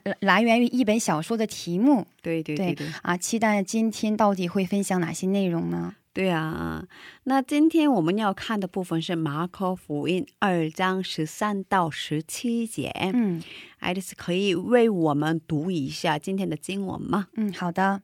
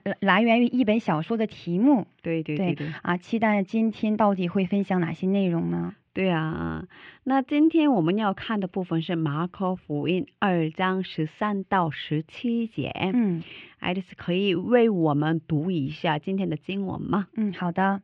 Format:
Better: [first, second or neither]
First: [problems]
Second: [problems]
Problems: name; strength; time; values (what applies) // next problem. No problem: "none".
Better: first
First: none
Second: muffled; very; fading above 3 kHz